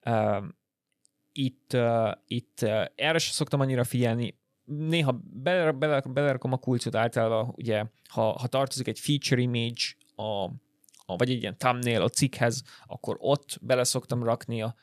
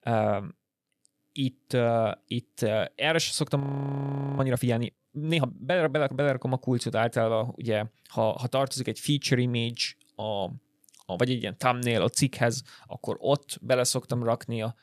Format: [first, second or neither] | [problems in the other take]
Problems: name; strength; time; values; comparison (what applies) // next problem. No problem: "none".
first | audio freezing; at 3.5 s for 1 s